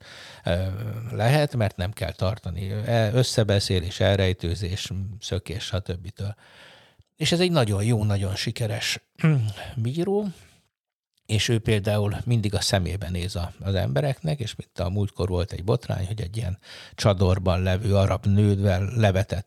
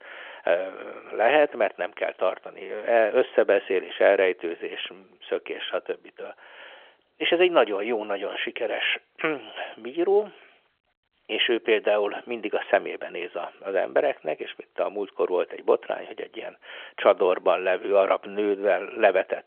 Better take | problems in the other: first | phone-call audio; nothing above 3.5 kHz

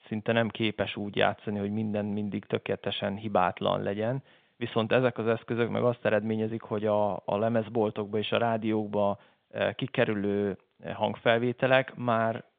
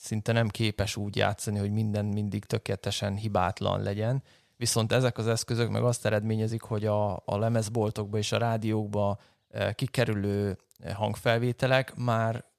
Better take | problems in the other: second | phone-call audio; nothing above 3.5 kHz

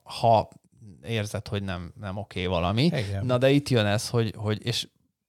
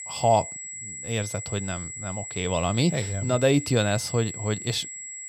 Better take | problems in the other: first | high-pitched whine; loud; throughout; 7.5 kHz, 8 dB below the speech

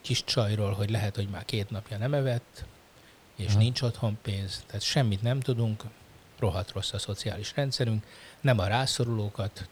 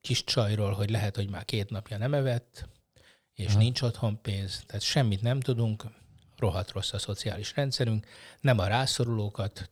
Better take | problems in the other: second | hiss; faint; throughout; 25 dB below the speech

